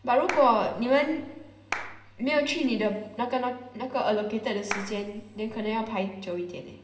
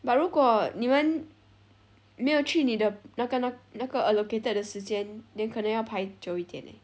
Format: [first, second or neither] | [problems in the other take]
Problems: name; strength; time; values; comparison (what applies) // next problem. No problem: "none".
second | background sound (Clapping); 11 dB below the speech // room echo; dies away in 1.7 s